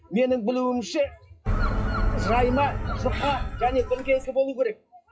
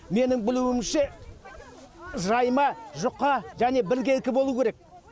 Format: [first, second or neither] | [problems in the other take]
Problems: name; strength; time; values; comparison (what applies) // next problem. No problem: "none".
second | noise reduction (classical method WPE with log-MMSE)